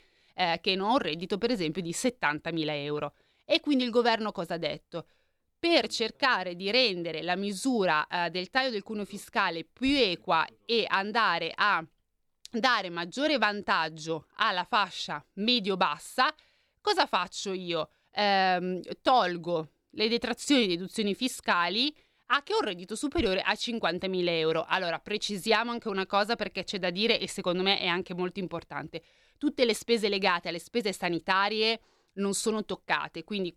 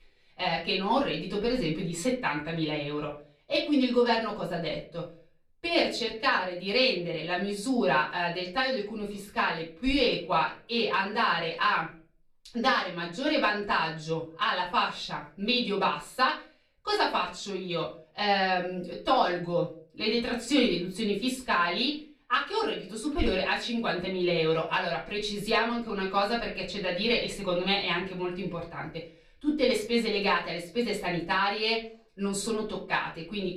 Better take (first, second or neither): first